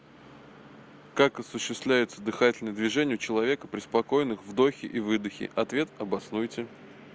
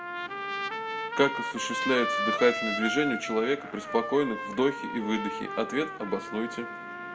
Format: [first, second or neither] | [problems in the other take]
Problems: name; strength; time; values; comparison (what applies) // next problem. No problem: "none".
first | background sound (Trumpet); 4 dB below the speech // room echo; dies away in 1.2 s